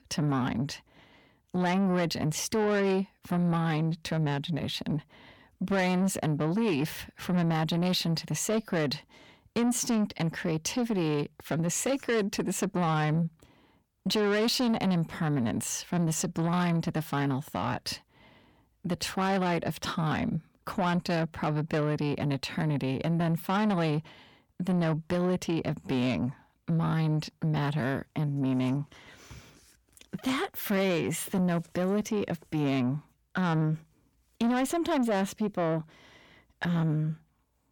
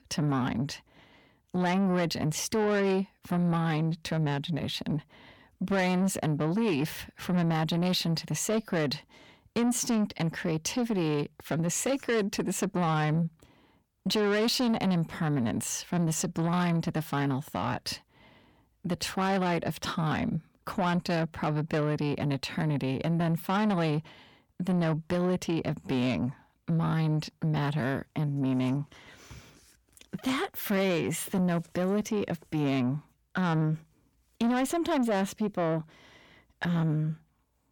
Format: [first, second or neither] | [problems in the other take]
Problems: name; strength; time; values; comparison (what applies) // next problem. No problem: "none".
neither | distortion; slight; 10 dB below the speech; the same in both